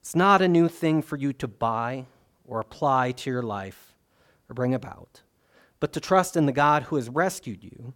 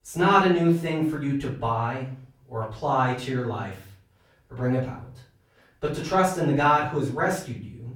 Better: first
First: none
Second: room echo; noticeable; dies away in 0.4 s // off-mic speech; far

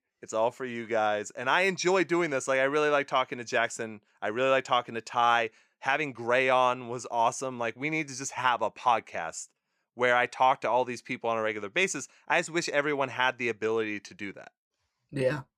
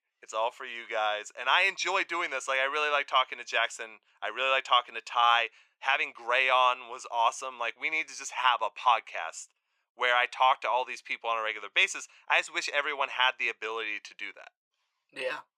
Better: first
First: none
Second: thin; very; fading below 700 Hz

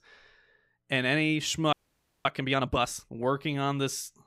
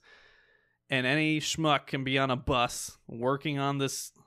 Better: second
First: audio freezing; at 1.5 s for 0.5 s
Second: none

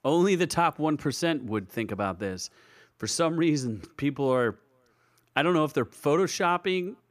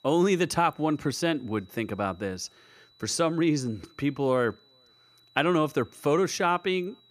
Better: first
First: none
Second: high-pitched whine; faint; throughout; 4 kHz, 30 dB below the speech

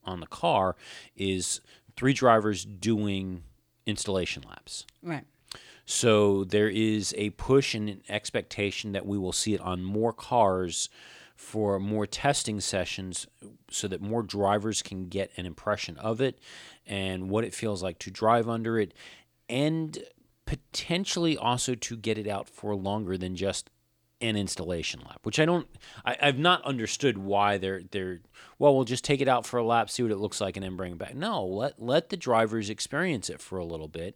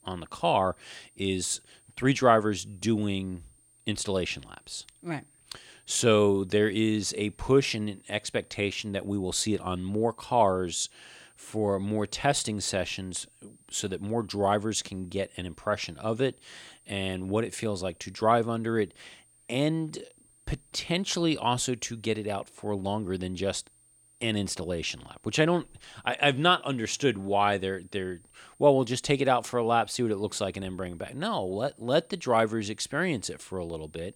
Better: first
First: none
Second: high-pitched whine; faint; throughout; 8.5 kHz, 30 dB below the speech

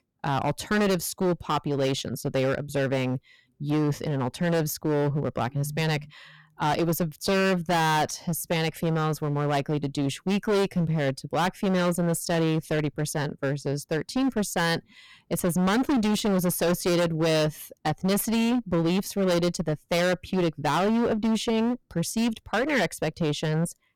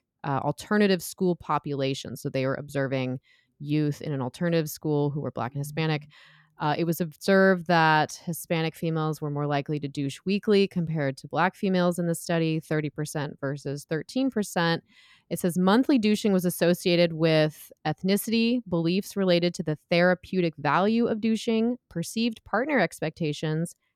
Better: second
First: distortion; heavy; 19% of the sound clipped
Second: none

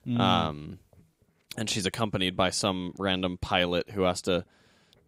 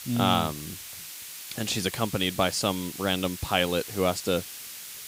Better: first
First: none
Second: hiss; noticeable; throughout; 10 dB below the speech

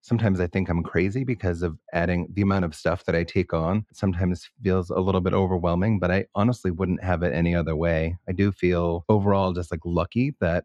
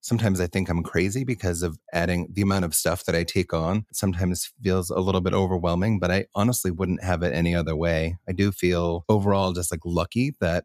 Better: second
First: muffled; slightly; fading above 2.5 kHz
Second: none

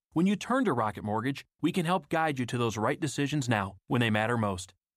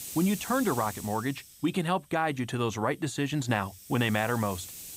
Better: first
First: none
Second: hiss; noticeable; throughout; 10 dB below the speech

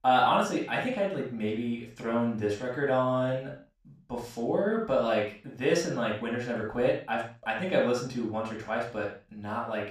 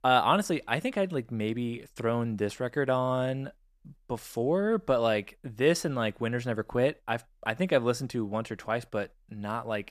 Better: second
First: room echo; noticeable; dies away in 0.3 s // off-mic speech; far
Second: none

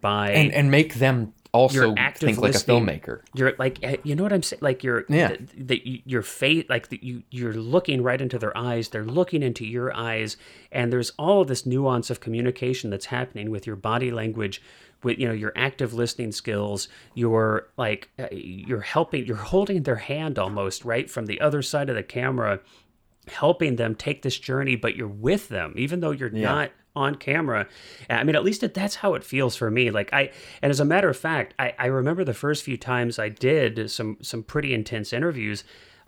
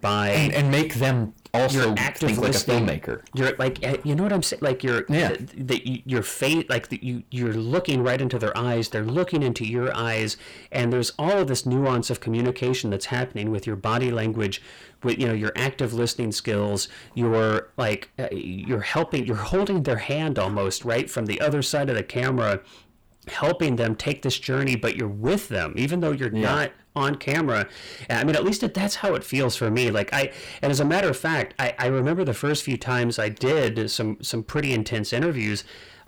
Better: first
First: none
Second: distortion; heavy; 8 dB below the speech

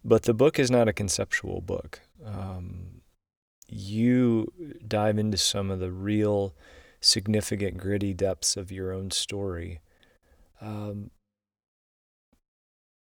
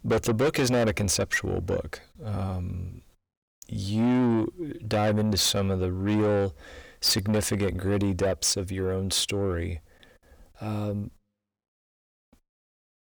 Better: first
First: none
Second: distortion; heavy; 7 dB below the speech

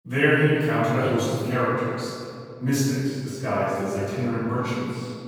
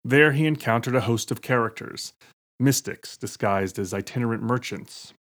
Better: second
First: off-mic speech; far // room echo; strong; dies away in 2.1 s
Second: none

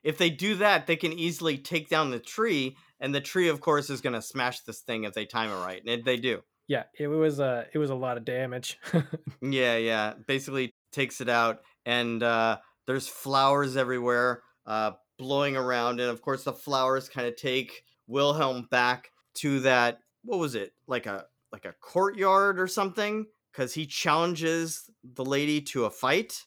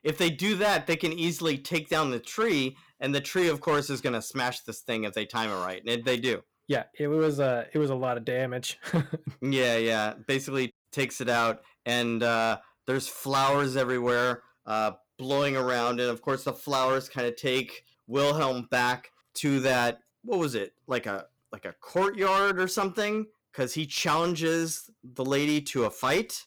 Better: first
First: none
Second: distortion; slight; 7% of the sound clipped

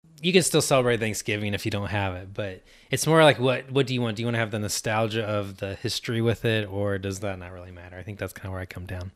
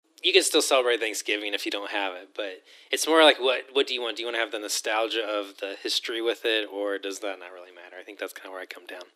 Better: first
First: none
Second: thin; very; fading below 300 Hz

